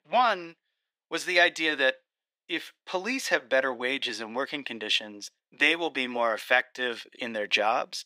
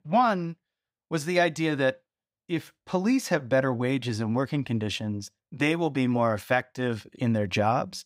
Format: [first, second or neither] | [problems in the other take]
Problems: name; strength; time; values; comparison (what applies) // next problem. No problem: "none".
second | thin; somewhat; fading below 350 Hz